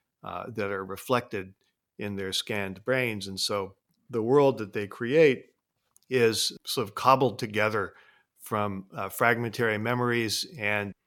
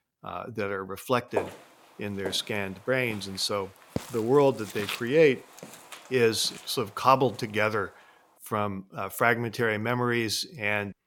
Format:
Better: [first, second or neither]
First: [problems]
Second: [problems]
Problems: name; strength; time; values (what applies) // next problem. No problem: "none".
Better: first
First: none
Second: footsteps; noticeable; from 1.5 to 6 s; peak 7 dB below the speech